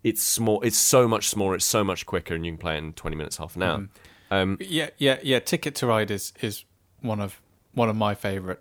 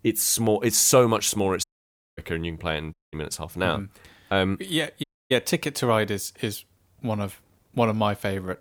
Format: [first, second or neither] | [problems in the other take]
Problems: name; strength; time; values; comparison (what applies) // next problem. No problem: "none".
first | audio cutting out; at 1.5 s for 0.5 s, at 3 s and at 5 s